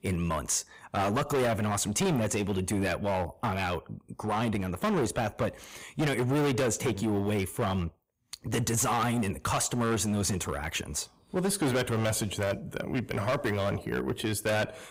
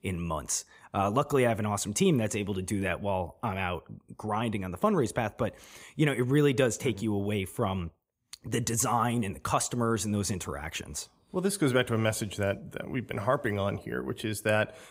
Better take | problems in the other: second | distortion; heavy; 15% of the sound clipped

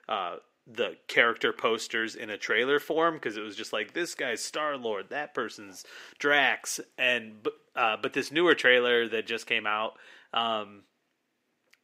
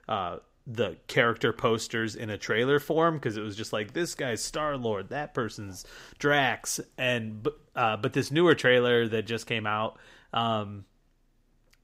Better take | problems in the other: second | thin; somewhat; fading below 350 Hz

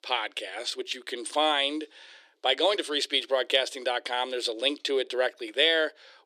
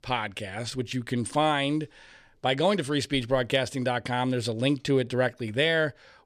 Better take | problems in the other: second | thin; somewhat; fading below 300 Hz

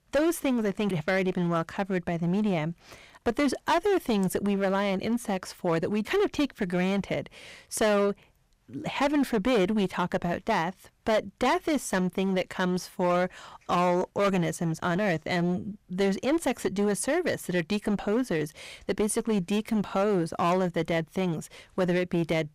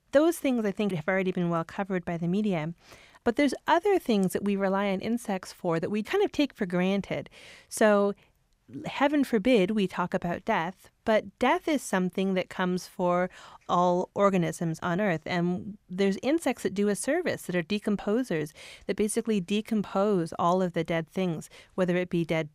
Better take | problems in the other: second | distortion; slight; 11% of the sound clipped

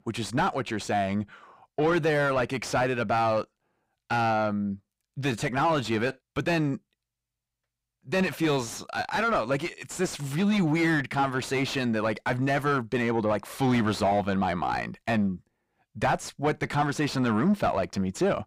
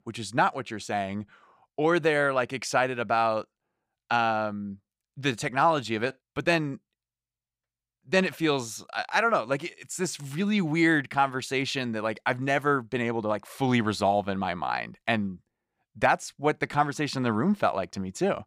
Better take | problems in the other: second | distortion; heavy; 7 dB below the speech

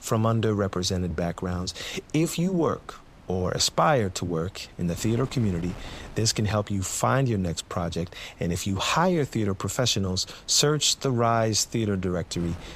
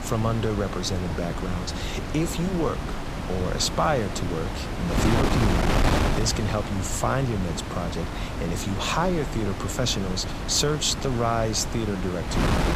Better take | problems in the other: first | wind noise on the microphone; heavy; 3 dB below the speech; occasional gusts in the first

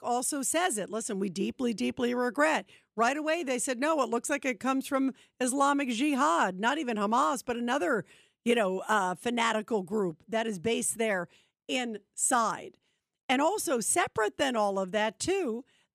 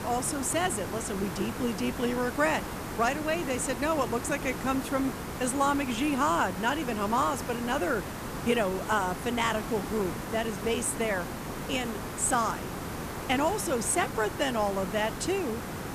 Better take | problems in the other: first | hiss; loud; throughout; 7 dB below the speech

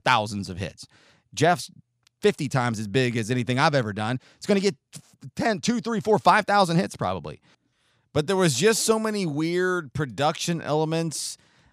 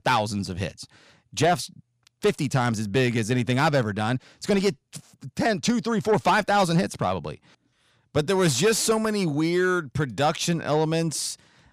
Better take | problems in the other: first | distortion; slight; 10 dB below the speech

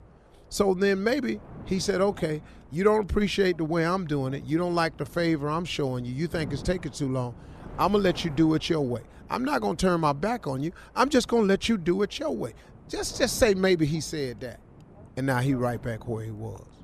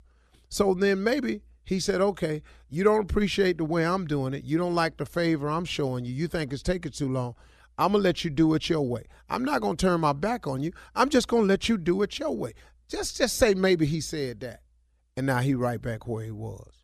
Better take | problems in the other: second | wind noise on the microphone; occasional gusts; 25 dB below the speech

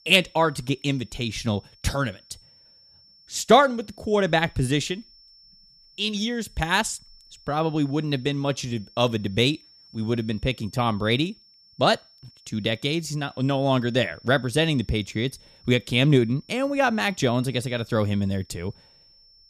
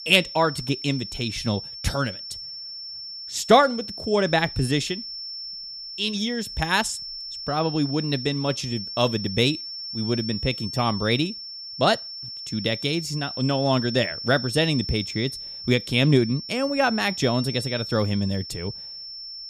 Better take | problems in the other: first | high-pitched whine; loud; throughout; 5.5 kHz, 8 dB below the speech; faint in the first

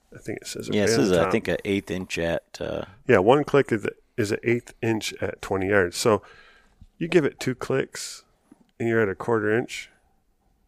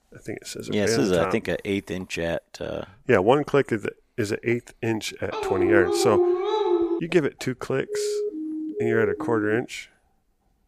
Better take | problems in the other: first | dog barking; loud; from 5.5 to 7 s; peak 4 dB above the speech // siren; noticeable; from 8 to 9.5 s; peak 2 dB below the speech

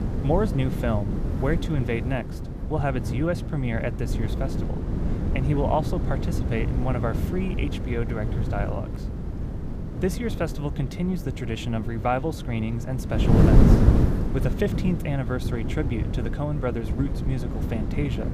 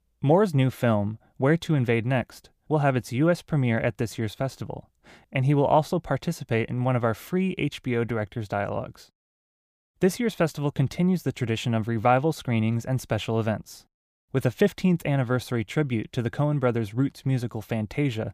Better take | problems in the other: second | wind noise on the microphone; heavy; 4 dB below the speech

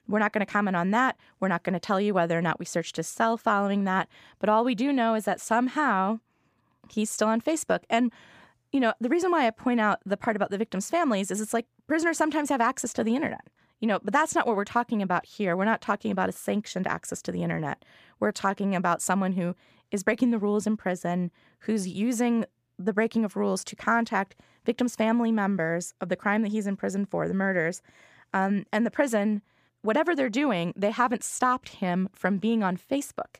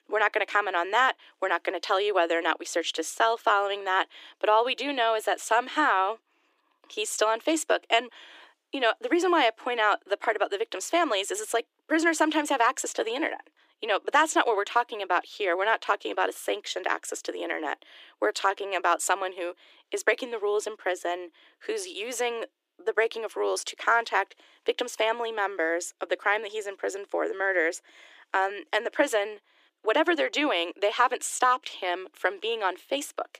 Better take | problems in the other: first | thin; very; fading below 300 Hz

